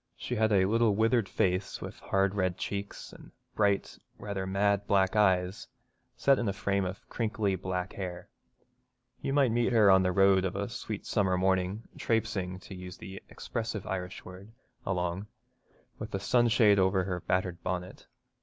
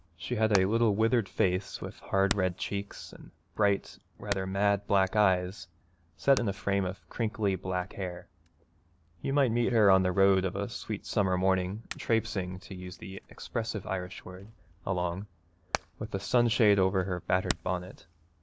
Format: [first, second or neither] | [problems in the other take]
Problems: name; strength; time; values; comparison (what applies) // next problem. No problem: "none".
first | background sound (Hammer); 16 dB below the speech